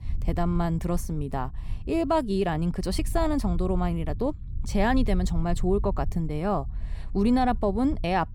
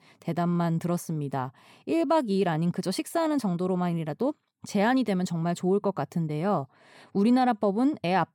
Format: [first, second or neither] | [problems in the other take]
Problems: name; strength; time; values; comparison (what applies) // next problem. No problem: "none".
second | low rumble; faint; throughout; 25 dB below the speech